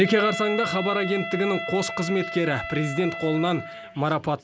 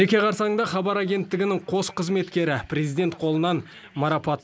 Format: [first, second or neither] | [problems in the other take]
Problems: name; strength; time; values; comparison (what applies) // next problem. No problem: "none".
second | background sound (Wind instrument, woodwind instrument); 9 dB below the speech